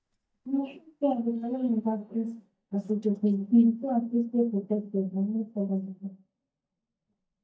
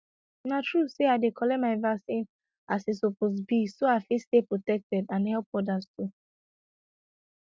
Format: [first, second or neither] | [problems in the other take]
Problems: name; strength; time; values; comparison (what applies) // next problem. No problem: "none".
second | noise reduction (neural mask model DeepFilterNet 3)